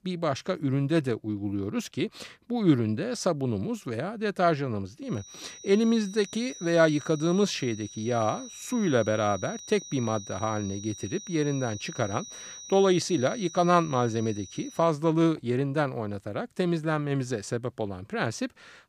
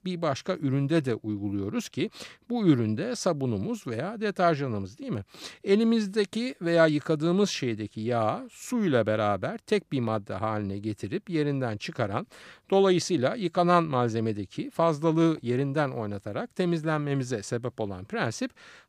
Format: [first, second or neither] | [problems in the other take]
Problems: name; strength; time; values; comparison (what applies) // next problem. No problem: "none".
second | high-pitched whine; noticeable; from 5 to 15 s; 6 kHz, 15 dB below the speech